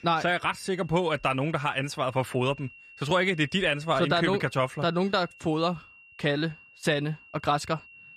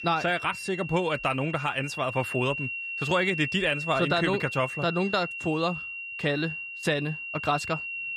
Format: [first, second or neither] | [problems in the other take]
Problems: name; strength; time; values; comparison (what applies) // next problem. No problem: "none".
first | high-pitched whine; loud; throughout; 2.5 kHz, 6 dB below the speech; faint in the first